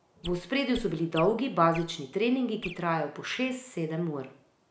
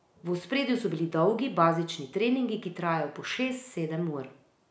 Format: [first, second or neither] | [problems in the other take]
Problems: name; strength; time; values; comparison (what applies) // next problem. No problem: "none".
second | background sound (Chirp, tweet); 16 dB below the speech